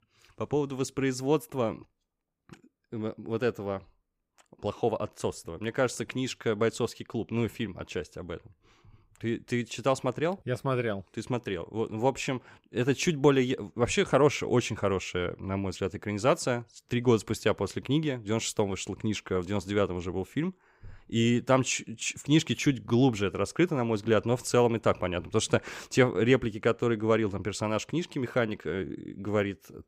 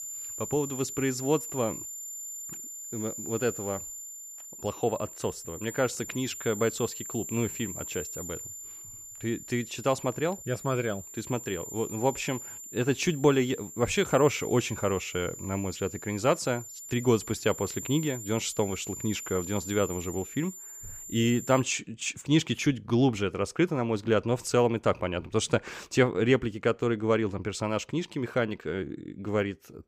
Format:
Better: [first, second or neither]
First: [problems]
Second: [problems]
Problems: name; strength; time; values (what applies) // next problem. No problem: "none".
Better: first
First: none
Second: high-pitched whine; loud; until 22 s; 7 kHz, 9 dB below the speech